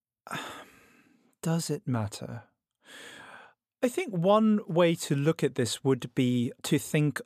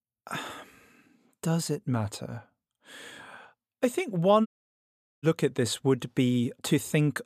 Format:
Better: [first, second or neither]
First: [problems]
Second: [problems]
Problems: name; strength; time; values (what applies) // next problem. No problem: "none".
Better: first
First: none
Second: audio cutting out; at 4.5 s for 1 s